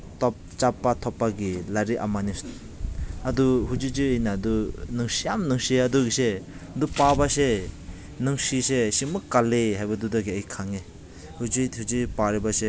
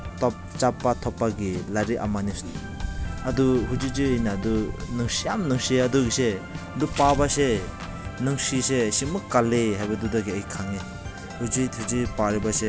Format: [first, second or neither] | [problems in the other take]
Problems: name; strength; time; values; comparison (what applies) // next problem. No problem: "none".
first | background sound (Organ); 12 dB below the speech